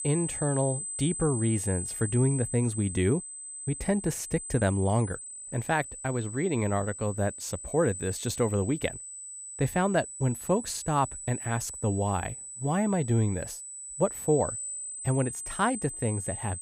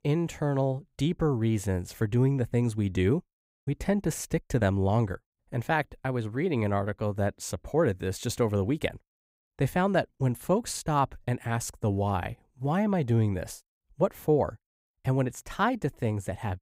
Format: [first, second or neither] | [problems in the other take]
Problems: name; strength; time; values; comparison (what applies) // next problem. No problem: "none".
second | high-pitched whine; loud; throughout; 8 kHz, 7 dB below the speech